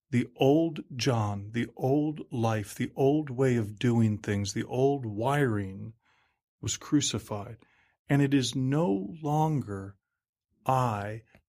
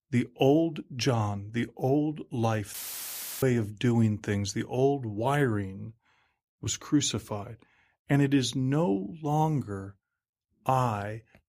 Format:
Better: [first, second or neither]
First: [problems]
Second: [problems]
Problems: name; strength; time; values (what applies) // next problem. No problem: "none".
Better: first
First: none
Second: audio cutting out; filled with static; at 2.5 s for 0.5 s